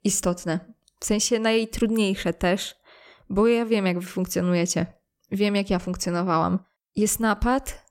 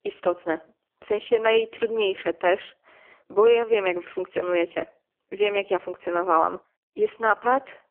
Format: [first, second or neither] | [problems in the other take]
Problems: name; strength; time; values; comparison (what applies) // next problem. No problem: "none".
first | phone-call audio; poor line; nothing above 3 kHz